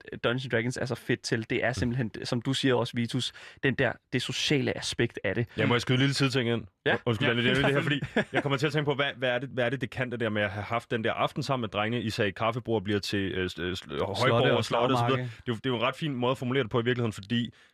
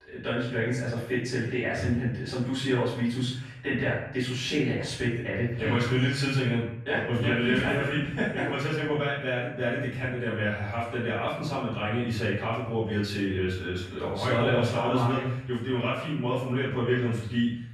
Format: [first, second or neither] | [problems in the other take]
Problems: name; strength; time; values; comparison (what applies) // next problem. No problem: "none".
first | room echo; noticeable; dies away in 0.6 s // off-mic speech; far